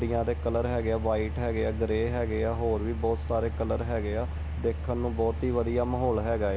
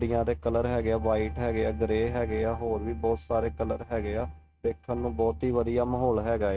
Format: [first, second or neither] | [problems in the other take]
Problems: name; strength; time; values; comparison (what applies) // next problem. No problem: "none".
first | noise reduction (neural mask model RNNoise)